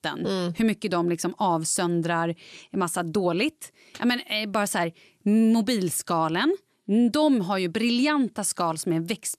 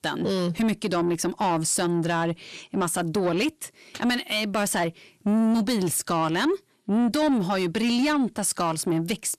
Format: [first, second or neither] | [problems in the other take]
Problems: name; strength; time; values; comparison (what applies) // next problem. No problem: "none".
first | distortion; slight; 10 dB below the speech